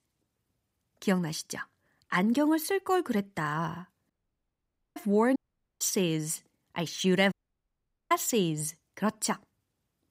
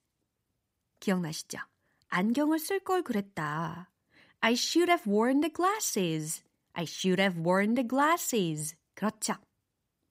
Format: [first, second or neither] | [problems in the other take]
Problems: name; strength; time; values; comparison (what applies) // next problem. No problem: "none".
second | audio cutting out; at 4 s for 1 s, at 5.5 s and at 7.5 s for 1 s